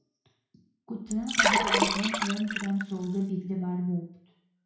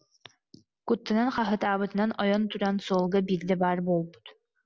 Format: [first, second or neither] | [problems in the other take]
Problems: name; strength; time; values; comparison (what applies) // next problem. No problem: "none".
second | background sound (Liquid); 4 dB above the speech // room echo; dies away in 0.5 s